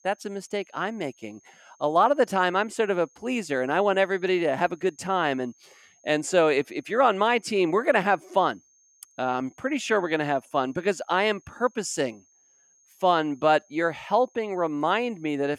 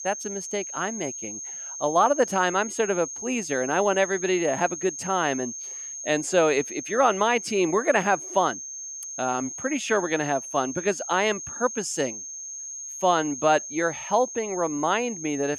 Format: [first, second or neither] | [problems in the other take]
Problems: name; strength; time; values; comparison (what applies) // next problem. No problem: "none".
first | high-pitched whine; loud; throughout; 6.5 kHz, 8 dB below the speech; faint in the first